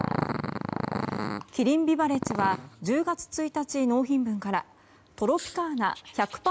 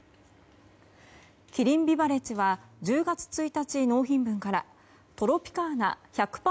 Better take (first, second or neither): second